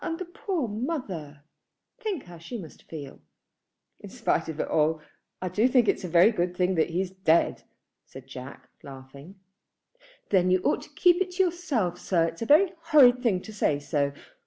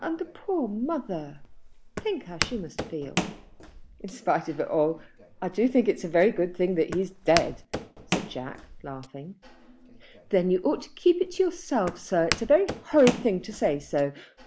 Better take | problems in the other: first | background sound (Walk, footsteps); 10 dB below the speech

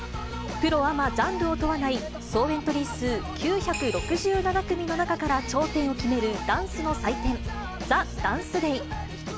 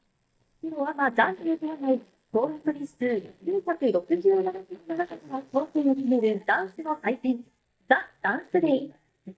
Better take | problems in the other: first | noise reduction (neural mask model DeepFilterNet 3)

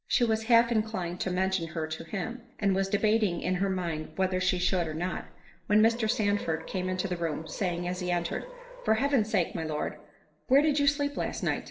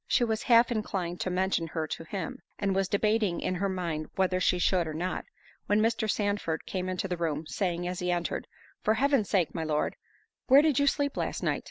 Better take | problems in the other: second | background sound (Subway, metro, underground); 15 dB below the speech // room echo; dies away in 0.6 s

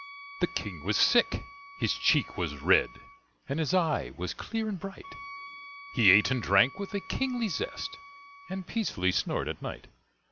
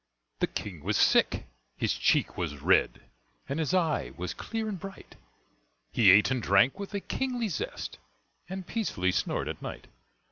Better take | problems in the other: second | background sound (Wind instrument, woodwind instrument); 18 dB below the speech

